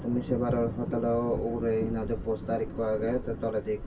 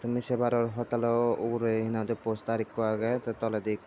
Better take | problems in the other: second | background sound (Thunder); 7 dB below the speech // room echo; dies away in 0.1 s

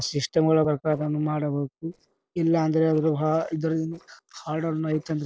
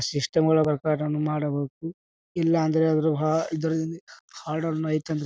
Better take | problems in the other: second | noise reduction (neural separator model SepFormer DNS4)

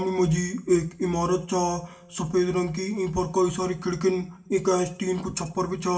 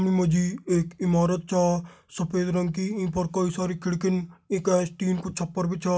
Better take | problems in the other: second | room echo; dies away in 0.5 s

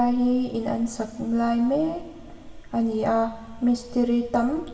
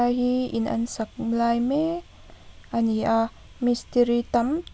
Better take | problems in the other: second | room echo; dies away in 1.8 s

